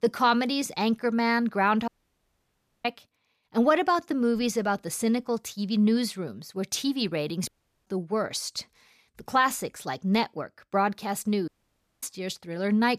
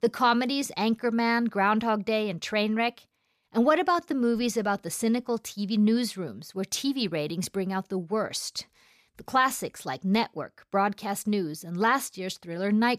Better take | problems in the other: second | audio cutting out; at 2 s for 1 s, at 7.5 s and at 11 s for 0.5 s

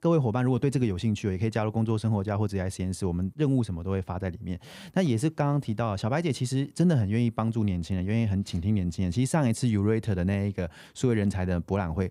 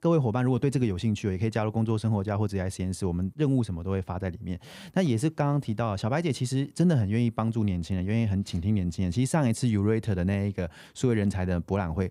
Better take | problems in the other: neither | none

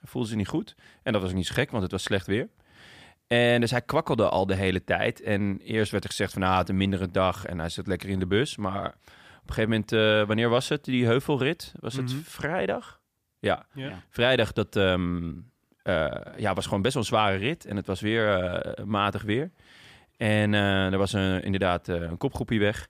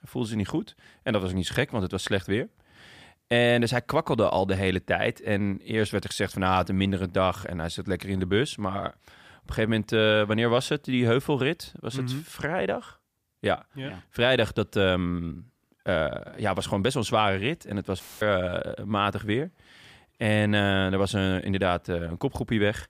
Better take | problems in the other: first | audio cutting out; filled with static; at 18 s

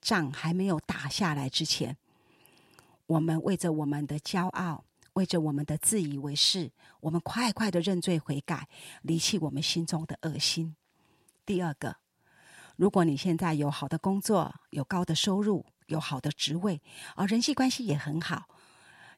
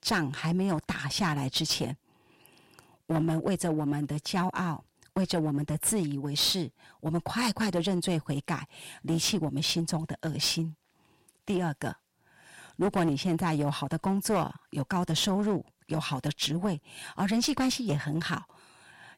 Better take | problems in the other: first | distortion; slight; 8% of the sound clipped

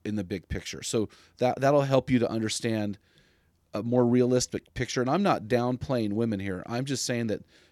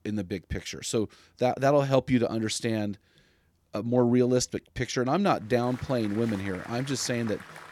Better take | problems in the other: first | crowd noise; noticeable; from 5.5 s on; 15 dB below the speech

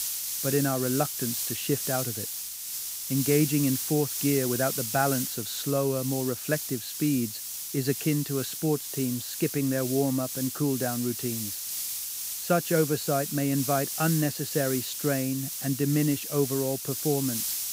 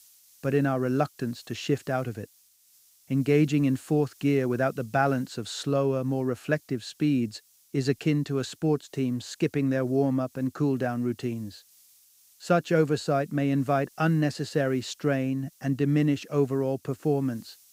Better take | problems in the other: second | hiss; loud; throughout; 3 dB below the speech; faint in the second

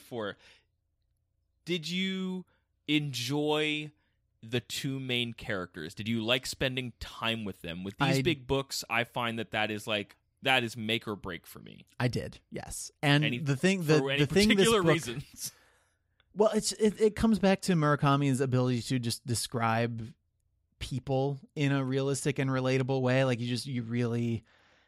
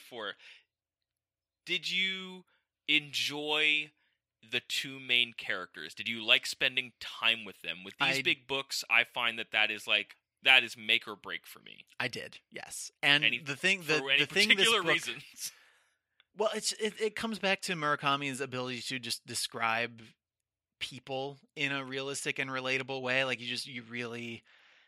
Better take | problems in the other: first | thin; somewhat; fading below 600 Hz

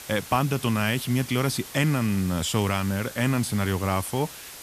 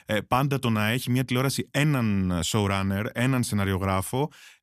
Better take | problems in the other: second | hiss; noticeable; throughout; 15 dB below the speech

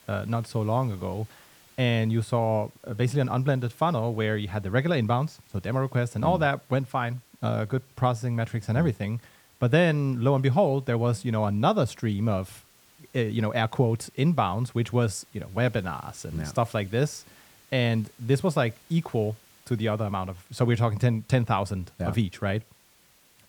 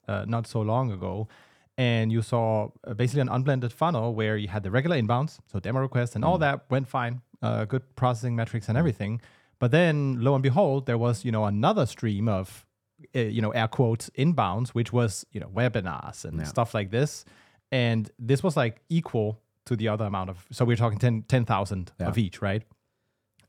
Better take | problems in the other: second | hiss; faint; throughout; 30 dB below the speech

